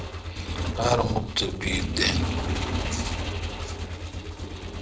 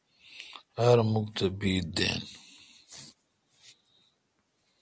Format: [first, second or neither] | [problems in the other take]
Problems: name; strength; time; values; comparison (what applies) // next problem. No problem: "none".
second | noise reduction (neural separator model SepFormer DNS4)